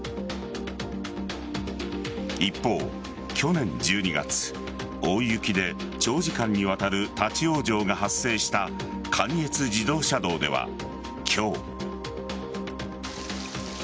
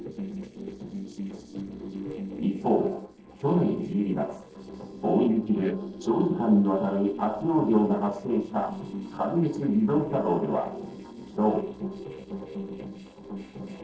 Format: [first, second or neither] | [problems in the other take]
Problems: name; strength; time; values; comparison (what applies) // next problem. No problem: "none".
first | noise reduction (neural separator model SepFormer DNS4)